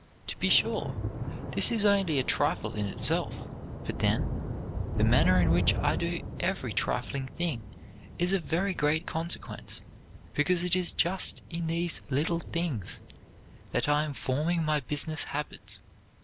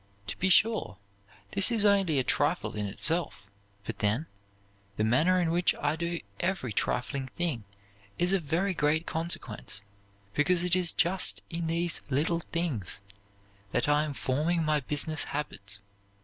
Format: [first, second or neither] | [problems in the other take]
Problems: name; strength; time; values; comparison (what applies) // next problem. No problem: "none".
second | background sound (Thunder / Rain); 5 dB below the speech